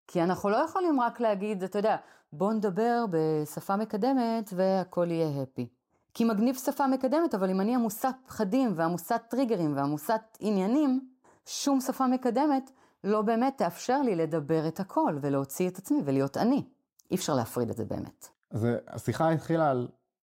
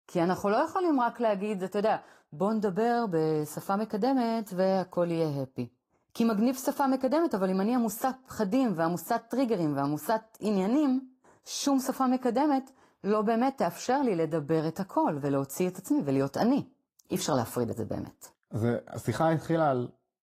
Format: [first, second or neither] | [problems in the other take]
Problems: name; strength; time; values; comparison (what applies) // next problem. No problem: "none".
first | garbled, watery; slightly; nothing above 14.5 kHz